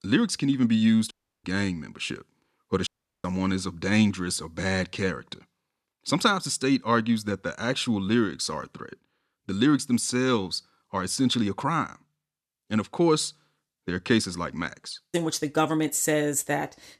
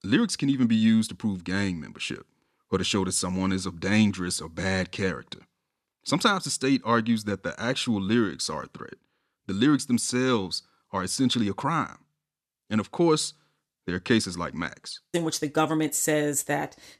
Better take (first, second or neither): second